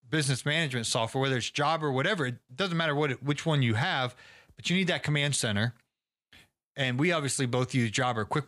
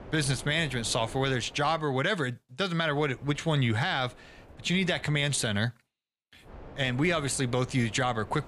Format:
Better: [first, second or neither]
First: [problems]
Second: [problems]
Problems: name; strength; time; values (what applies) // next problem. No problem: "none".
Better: first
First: none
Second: wind noise on the microphone; occasional gusts; until 2 s, from 3 to 5.5 s and from 6.5 s on; 20 dB below the speech